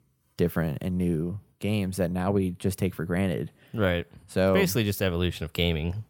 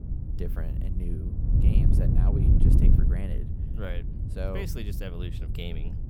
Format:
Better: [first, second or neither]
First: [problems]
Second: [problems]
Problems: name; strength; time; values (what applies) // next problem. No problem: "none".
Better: first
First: none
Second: wind noise on the microphone; heavy; 1 dB above the speech